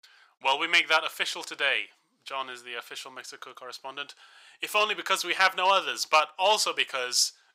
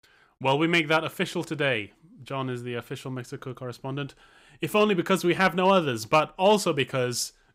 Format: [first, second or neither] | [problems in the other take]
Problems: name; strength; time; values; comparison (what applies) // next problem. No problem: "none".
second | thin; very; fading below 850 Hz